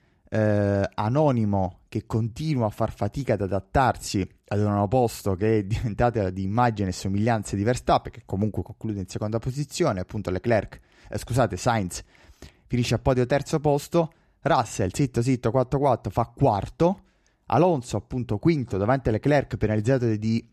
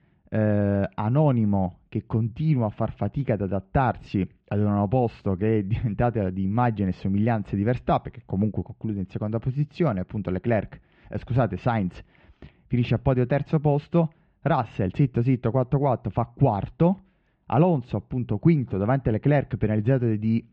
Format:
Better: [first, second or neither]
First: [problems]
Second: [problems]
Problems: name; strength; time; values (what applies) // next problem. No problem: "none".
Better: first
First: none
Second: muffled; very; fading above 3 kHz